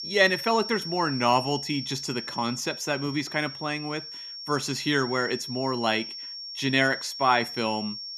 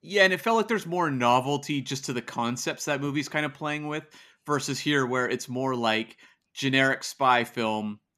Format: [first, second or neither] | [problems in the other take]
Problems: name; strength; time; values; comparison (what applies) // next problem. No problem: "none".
second | high-pitched whine; loud; throughout; 5.5 kHz, 8 dB below the speech